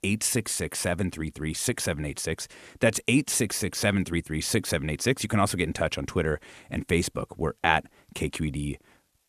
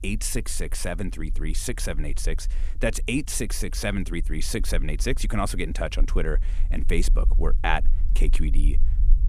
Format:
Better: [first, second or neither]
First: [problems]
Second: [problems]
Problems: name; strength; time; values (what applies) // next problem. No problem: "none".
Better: first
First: none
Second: low rumble; faint; throughout; 20 dB below the speech